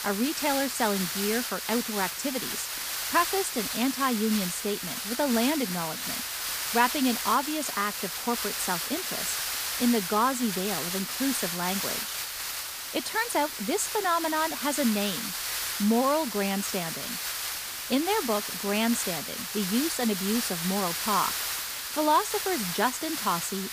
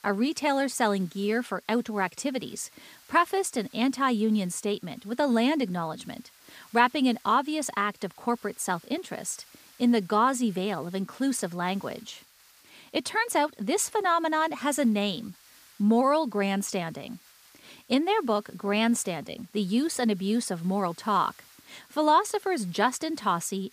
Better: second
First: hiss; loud; throughout; 2 dB below the speech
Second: hiss; faint; throughout; 25 dB below the speech

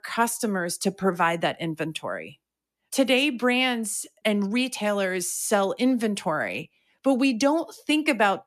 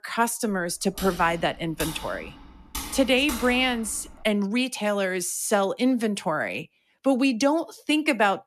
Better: first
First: none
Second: keyboard typing; noticeable; from 1 to 4.5 s; peak 9 dB below the speech

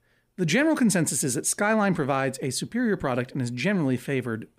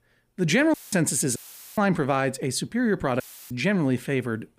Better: first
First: none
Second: audio cutting out; filled with static; at 0.5 s, at 1.5 s and at 3 s

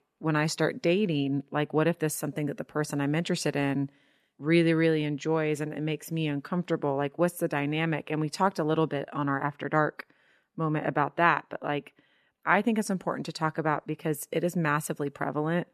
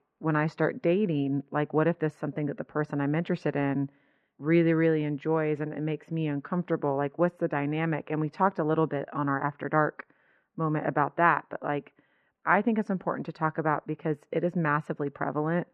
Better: first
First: none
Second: muffled; very; fading above 1.5 kHz

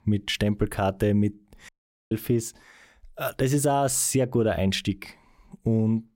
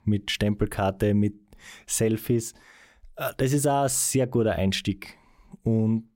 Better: second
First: audio cutting out; at 1.5 s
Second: none

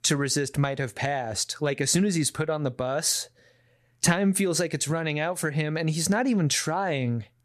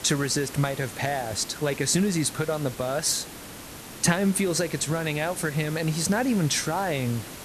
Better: first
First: none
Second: hiss; noticeable; throughout; 15 dB below the speech

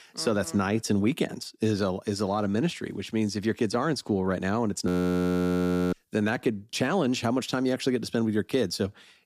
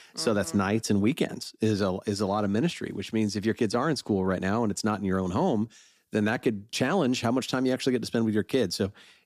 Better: second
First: audio freezing; at 5 s for 1 s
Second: none

